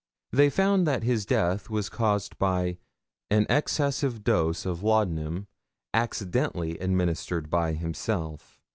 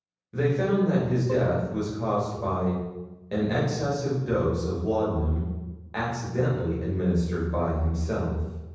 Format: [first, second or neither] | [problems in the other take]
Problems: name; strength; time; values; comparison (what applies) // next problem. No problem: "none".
first | background sound (Bowed string instrument); 15 dB below the speech // room echo; dies away in 1.1 s